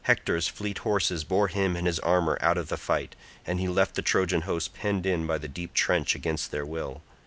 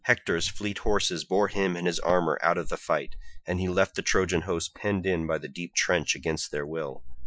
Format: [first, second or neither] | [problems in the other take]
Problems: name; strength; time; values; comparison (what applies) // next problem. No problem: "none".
first | noise reduction (classical method Wiener filter)